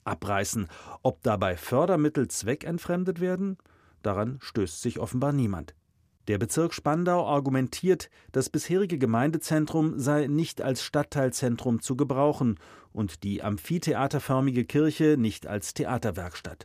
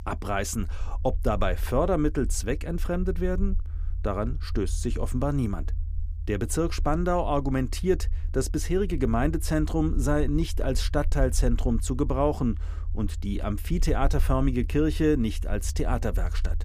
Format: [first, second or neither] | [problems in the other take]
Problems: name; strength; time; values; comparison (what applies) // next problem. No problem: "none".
first | low rumble; faint; throughout; 25 dB below the speech